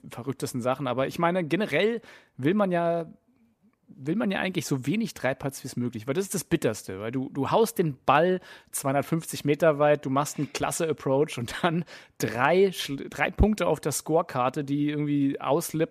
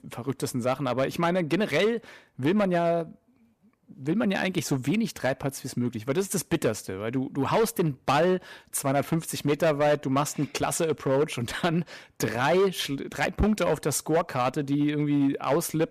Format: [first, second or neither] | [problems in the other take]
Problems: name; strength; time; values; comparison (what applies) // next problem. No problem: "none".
first | distortion; slight; 6% of the sound clipped